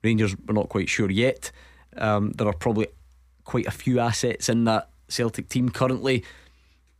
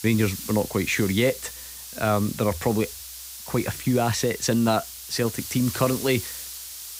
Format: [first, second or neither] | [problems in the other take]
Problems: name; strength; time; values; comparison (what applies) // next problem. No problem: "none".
first | hiss; loud; throughout; 10 dB below the speech